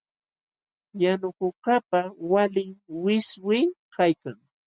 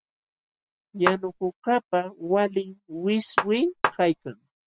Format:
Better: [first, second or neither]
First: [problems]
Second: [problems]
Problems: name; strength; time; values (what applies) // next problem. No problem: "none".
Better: first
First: none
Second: background sound (Clapping); 1 dB below the speech